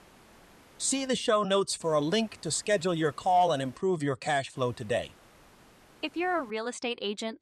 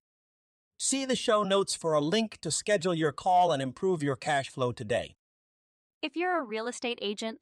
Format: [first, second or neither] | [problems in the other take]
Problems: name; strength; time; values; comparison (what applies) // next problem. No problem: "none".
second | hiss; faint; until 1 s, from 2 to 4 s and from 4.5 to 6.5 s; 25 dB below the speech